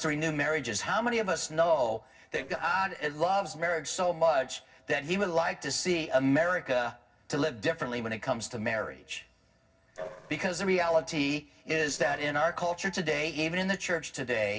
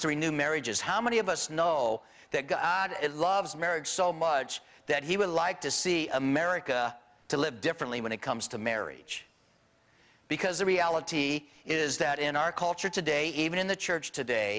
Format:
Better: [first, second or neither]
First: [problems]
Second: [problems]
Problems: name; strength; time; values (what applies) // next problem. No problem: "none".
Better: second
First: noise reduction (neural separator model SepFormer DNS4)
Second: none